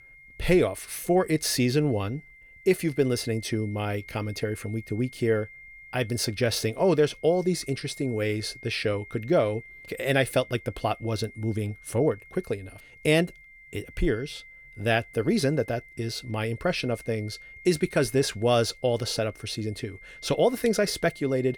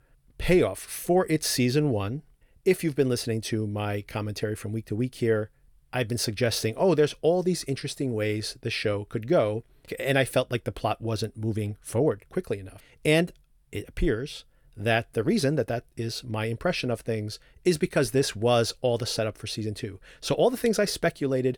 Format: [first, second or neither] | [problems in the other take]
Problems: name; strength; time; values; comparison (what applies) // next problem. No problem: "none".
second | high-pitched whine; noticeable; throughout; 2 kHz, 20 dB below the speech